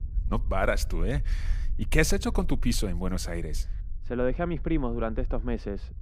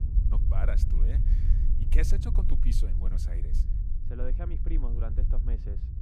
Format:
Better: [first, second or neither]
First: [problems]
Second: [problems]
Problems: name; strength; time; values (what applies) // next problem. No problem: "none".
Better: first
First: low rumble; faint; throughout; 25 dB below the speech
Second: low rumble; loud; throughout; 4 dB below the speech